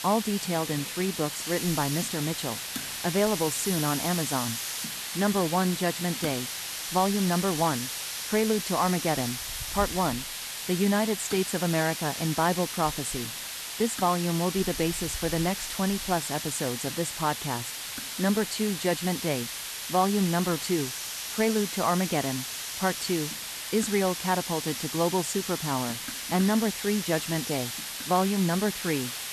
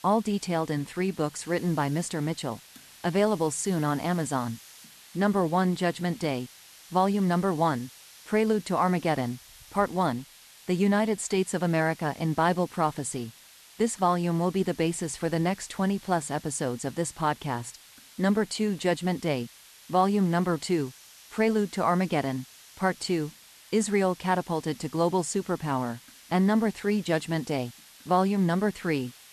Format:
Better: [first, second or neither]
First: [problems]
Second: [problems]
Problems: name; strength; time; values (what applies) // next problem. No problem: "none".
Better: second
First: hiss; loud; throughout; 4 dB below the speech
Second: hiss; faint; throughout; 20 dB below the speech